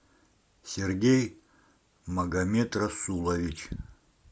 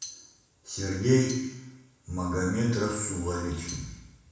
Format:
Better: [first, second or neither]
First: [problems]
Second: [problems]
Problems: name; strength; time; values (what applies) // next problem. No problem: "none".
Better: first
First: none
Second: background sound (Tambourine); 15 dB below the speech // room echo; dies away in 1 s